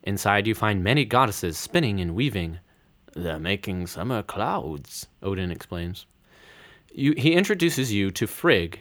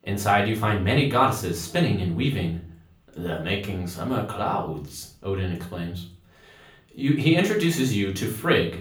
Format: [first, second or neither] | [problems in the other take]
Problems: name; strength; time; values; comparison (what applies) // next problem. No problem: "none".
first | room echo; slight; dies away in 0.4 s // off-mic speech; far